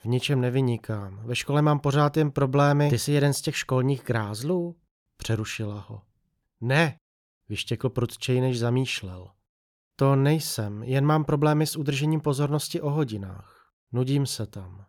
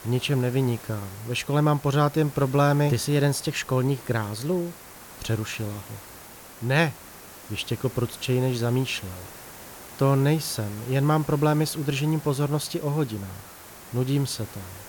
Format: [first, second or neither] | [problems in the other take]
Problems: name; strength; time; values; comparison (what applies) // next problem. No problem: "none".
first | hiss; noticeable; throughout; 15 dB below the speech